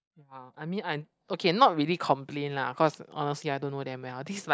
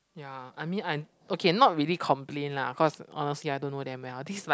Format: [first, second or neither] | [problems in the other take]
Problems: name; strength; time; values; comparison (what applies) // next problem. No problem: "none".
second | noise reduction (neural mask model DeepFilterNet 3)